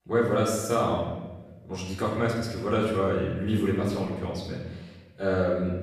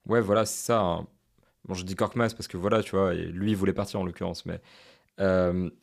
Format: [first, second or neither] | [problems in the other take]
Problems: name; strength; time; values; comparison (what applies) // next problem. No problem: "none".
second | off-mic speech; far // room echo; noticeable; dies away in 1.1 s